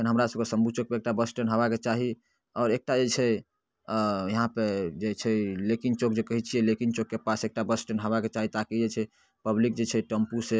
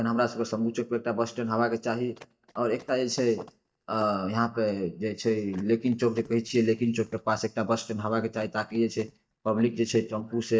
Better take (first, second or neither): first